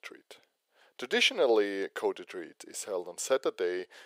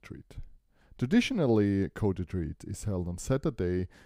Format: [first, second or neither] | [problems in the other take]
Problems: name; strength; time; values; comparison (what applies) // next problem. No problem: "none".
second | thin; very; fading below 450 Hz